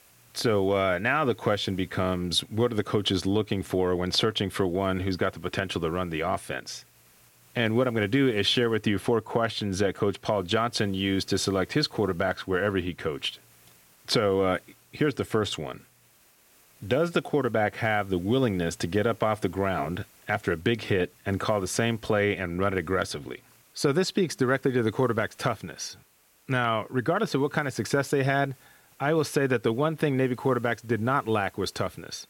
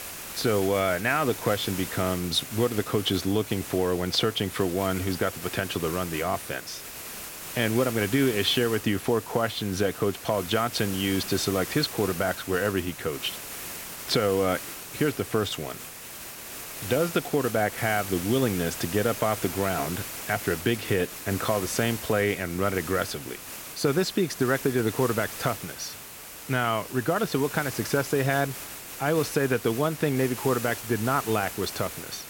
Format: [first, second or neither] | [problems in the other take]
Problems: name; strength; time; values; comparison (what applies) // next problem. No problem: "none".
first | hiss; loud; throughout; 9 dB below the speech; faint in the first